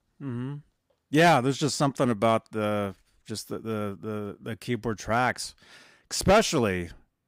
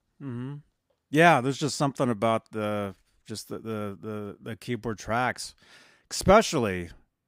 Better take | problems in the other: second | distortion; slight; 2% of the sound clipped

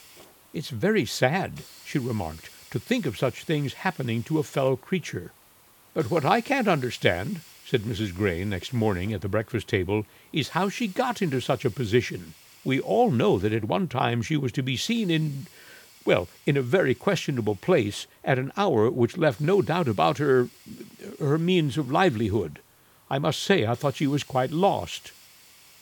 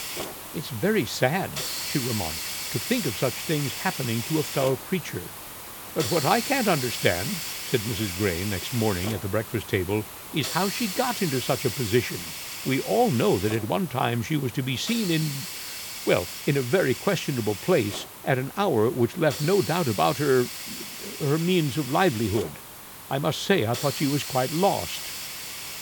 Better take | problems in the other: first | hiss; loud; throughout; 6 dB below the speech; faint in the first

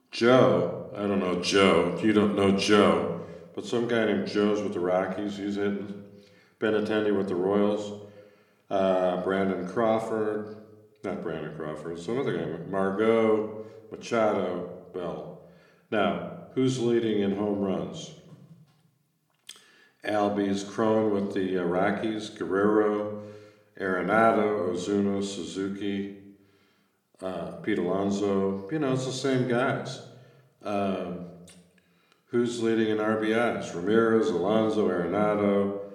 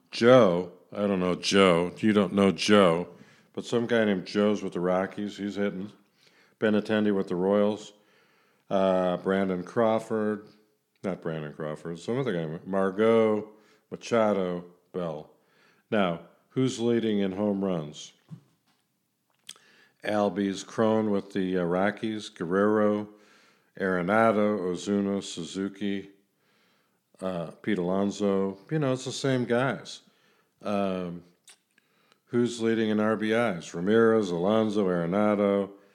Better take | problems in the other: second | room echo; slight; dies away in 0.7 s

